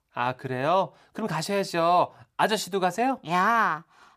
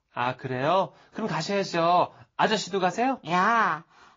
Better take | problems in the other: first | garbled, watery; slightly

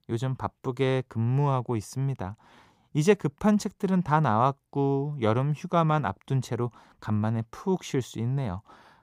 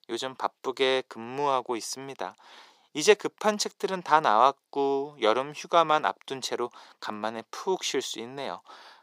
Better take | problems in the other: first | thin; very; fading below 400 Hz

